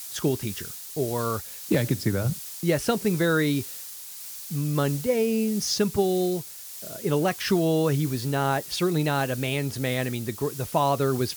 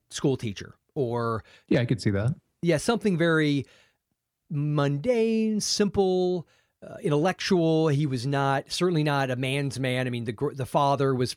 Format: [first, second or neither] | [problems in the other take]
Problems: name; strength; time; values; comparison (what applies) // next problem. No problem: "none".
second | hiss; noticeable; throughout; 10 dB below the speech